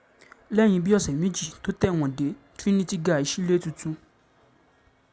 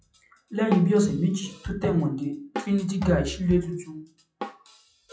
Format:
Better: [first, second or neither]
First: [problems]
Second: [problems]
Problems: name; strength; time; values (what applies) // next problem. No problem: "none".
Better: first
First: none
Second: noise reduction (classical method WPE with log-MMSE)